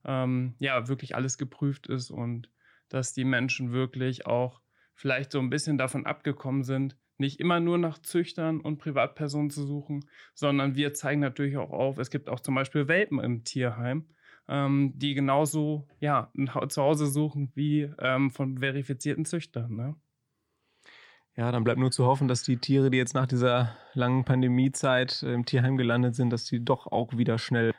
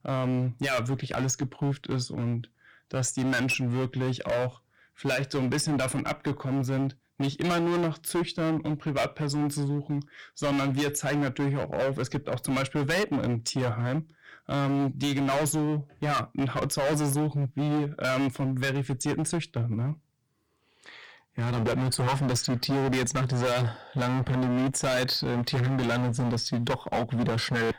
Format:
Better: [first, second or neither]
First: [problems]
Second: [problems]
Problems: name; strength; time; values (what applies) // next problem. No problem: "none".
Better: first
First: none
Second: distortion; heavy; 23% of the sound clipped